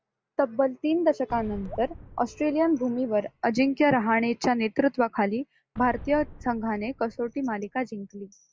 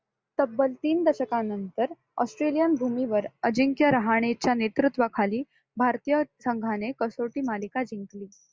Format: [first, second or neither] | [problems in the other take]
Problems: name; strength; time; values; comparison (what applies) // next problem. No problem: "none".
second | background sound (Raindrop / Drip + Boom); 19 dB below the speech